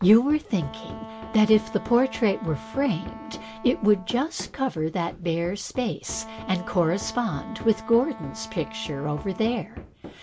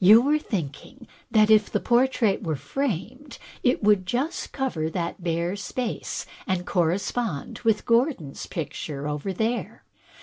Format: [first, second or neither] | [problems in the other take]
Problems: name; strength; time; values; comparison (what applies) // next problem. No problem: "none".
second | background sound (Wind instrument, woodwind instrument + Run); 15 dB below the speech